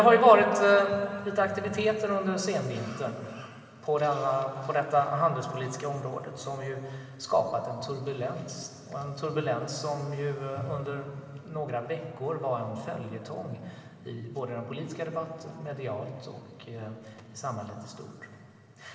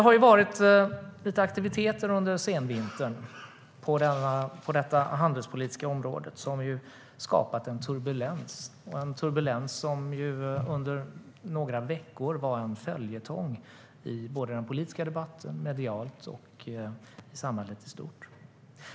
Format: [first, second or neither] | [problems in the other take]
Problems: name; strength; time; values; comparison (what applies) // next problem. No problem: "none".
second | room echo; dies away in 2.7 s